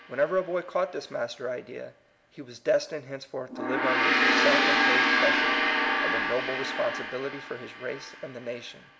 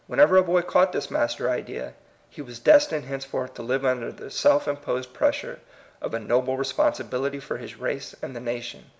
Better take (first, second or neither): second